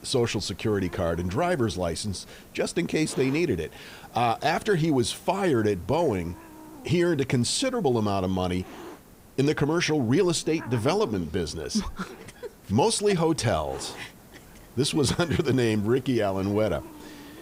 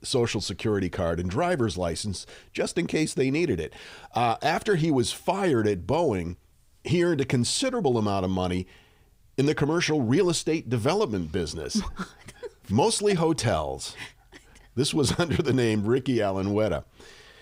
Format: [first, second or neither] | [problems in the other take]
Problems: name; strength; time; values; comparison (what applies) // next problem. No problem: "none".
second | hiss; faint; throughout; 20 dB below the speech